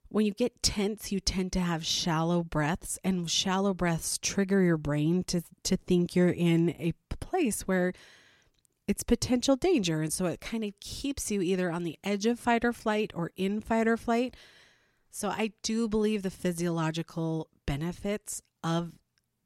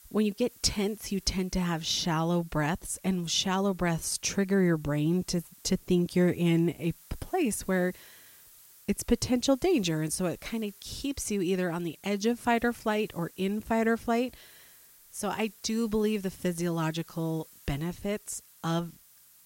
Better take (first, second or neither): first